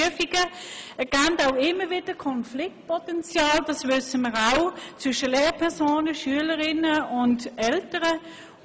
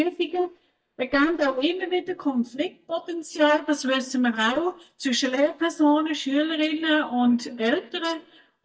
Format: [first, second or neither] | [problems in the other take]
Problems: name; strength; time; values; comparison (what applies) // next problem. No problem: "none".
first | noise reduction (neural mask model DeepFilterNet 3)